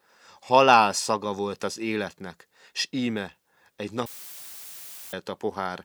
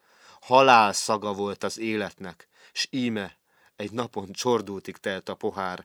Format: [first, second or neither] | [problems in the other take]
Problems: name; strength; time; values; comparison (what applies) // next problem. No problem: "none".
second | audio cutting out; filled with static; at 4 s for 1 s